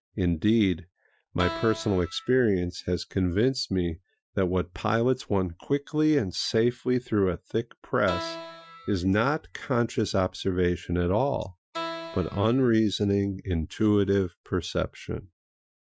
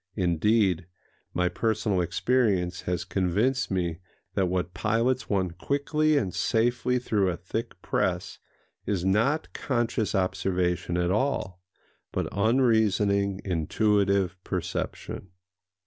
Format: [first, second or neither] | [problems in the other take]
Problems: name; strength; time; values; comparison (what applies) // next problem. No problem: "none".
second | noise reduction (classical method Wiener filter)